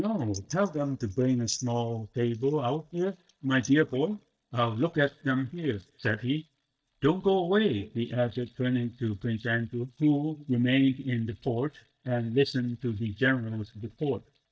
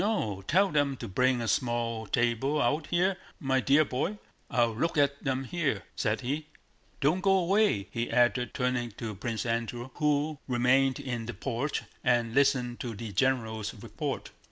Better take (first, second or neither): second